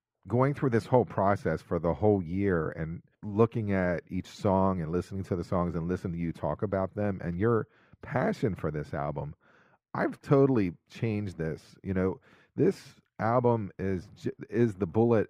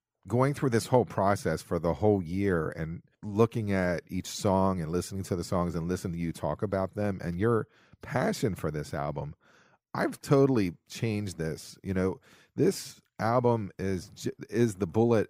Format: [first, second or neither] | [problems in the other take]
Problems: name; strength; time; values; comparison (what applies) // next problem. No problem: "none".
second | muffled; slightly; fading above 4 kHz